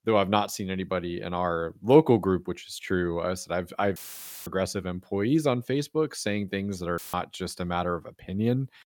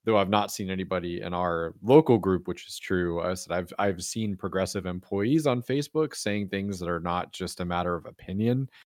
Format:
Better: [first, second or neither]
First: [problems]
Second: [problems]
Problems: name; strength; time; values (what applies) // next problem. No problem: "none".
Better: second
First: audio cutting out; filled with static; at 4 s for 0.5 s and at 7 s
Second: none